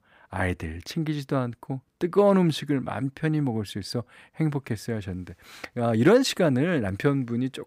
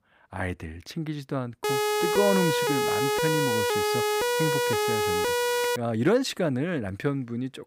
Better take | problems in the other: first | siren; loud; from 1.5 to 6 s; peak 5 dB above the speech

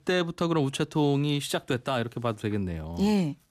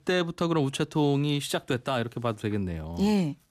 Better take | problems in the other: neither | none

